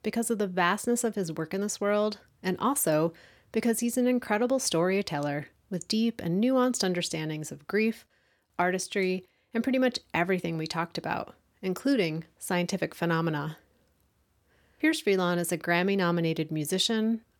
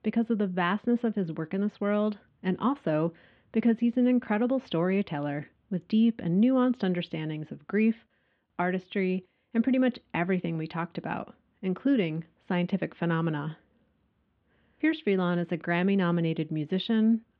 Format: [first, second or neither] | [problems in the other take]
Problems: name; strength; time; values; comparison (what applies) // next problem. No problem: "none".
first | muffled; very; fading above 3.5 kHz